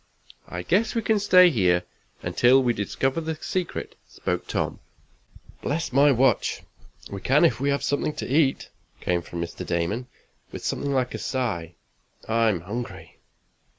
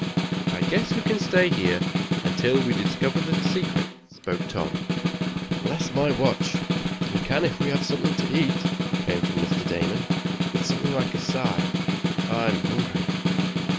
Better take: first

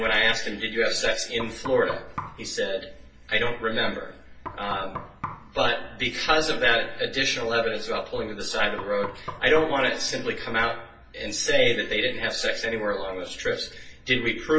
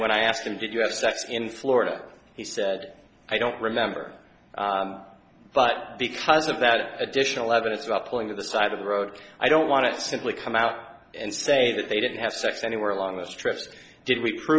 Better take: second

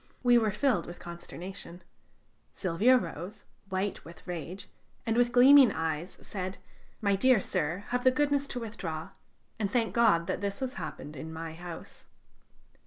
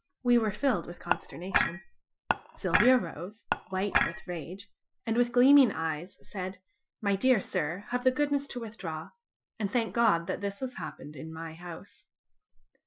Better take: first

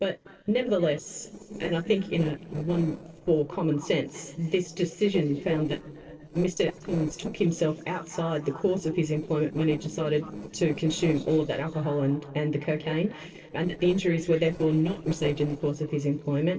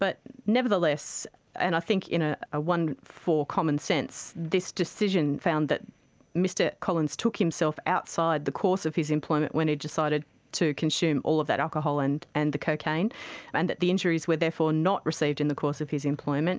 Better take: second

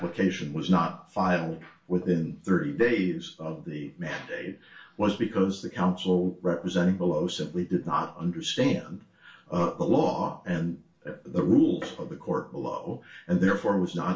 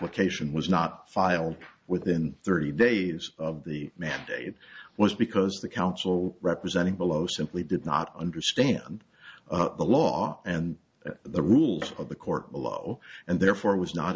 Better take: second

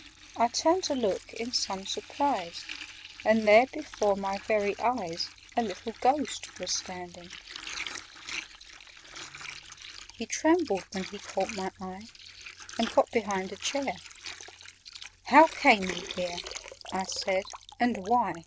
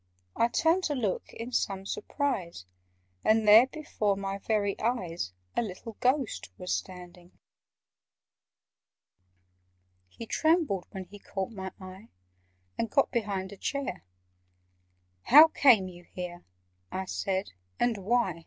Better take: second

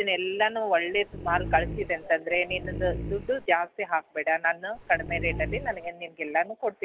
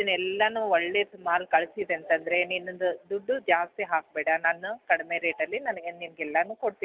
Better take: second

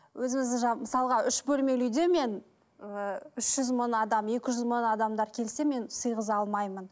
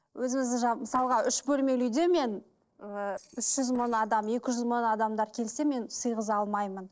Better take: first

